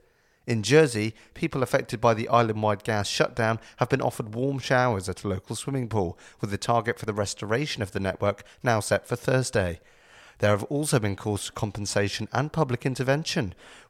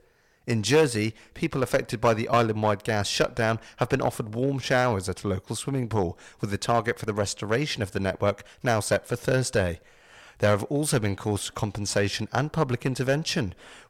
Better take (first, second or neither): first